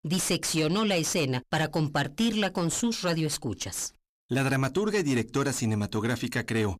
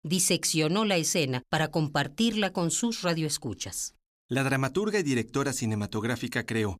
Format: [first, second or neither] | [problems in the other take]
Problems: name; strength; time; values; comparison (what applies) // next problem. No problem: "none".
second | distortion; slight; 10 dB below the speech